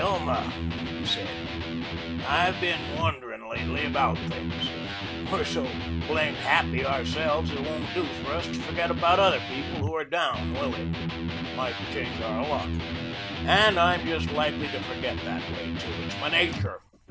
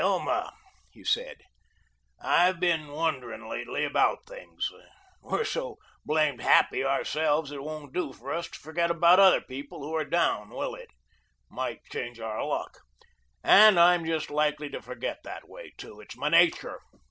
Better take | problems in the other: second | background sound (Electric guitar); 3 dB below the speech

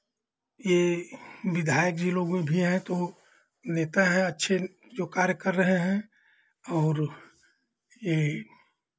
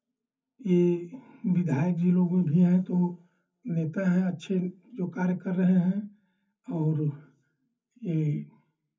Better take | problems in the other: first | room echo; dies away in 0.3 s

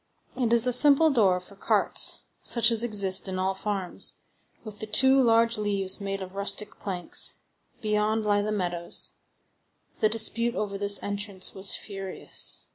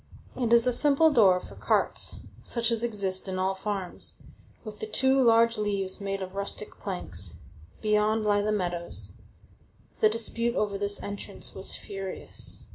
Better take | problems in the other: first | background sound (Gunshot, gunfire); 18 dB below the speech // room echo; dies away in 0.2 s

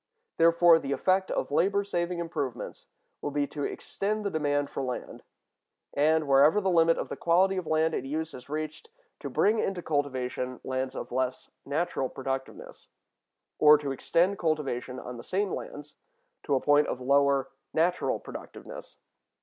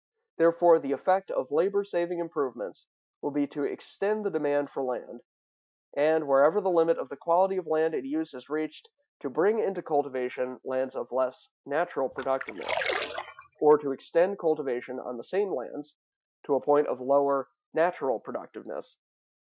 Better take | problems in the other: first | noise reduction (classical method Wiener filter)

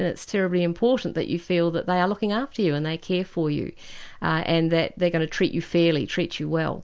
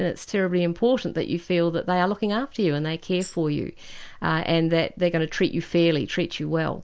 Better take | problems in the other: first | background sound (Tambourine); 18 dB below the speech

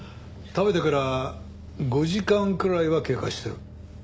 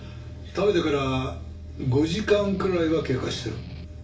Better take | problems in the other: first | background sound (Strum); 15 dB below the speech // room echo; dies away in 0.3 s

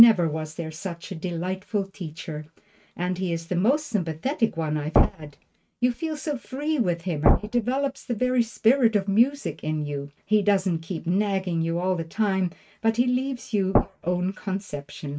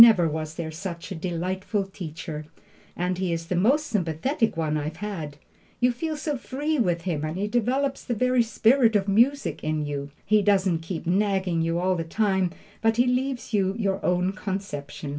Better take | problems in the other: second | noise reduction (neural mask model RNNoise)

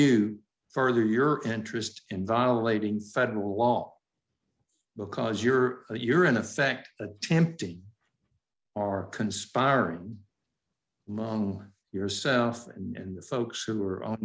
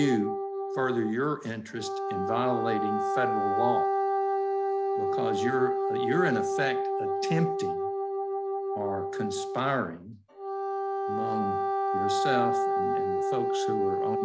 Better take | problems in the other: first | background sound (Wind instrument, woodwind instrument); 3 dB above the speech

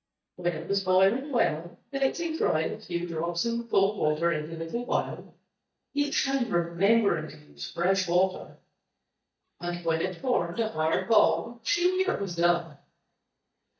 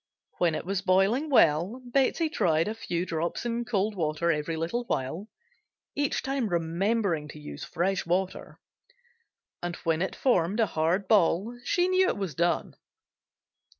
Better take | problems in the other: second | noise reduction (neural mask model DeepFilterNet 3)

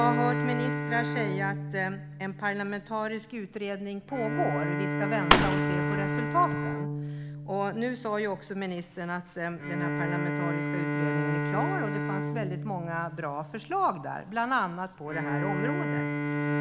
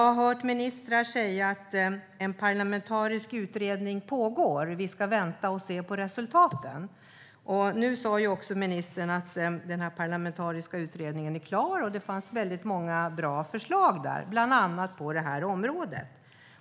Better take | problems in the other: second | background sound (Fireworks + Bowed string instrument); 1 dB above the speech

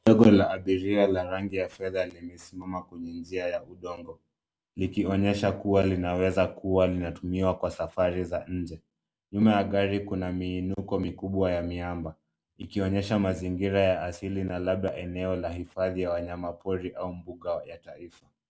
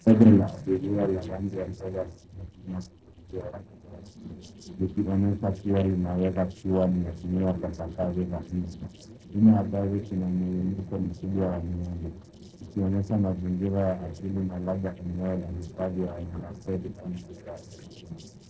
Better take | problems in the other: first | noise reduction (neural separator model SepFormer DNS4)

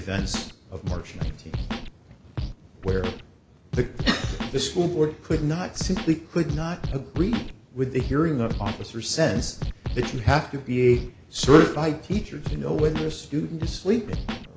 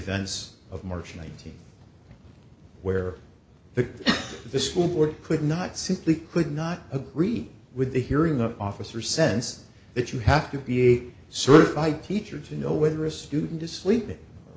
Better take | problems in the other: second | background sound (Scratching (performance technique)); 7 dB below the speech

